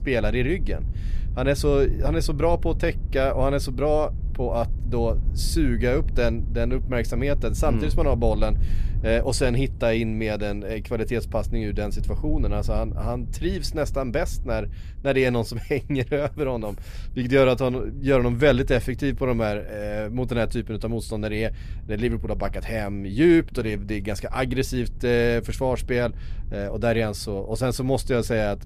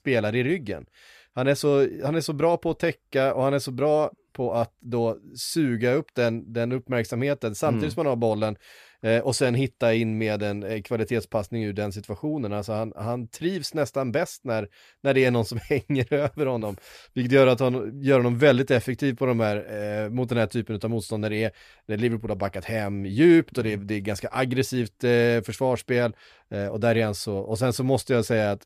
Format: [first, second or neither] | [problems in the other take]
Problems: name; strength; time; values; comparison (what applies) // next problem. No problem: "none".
second | low rumble; faint; throughout; 25 dB below the speech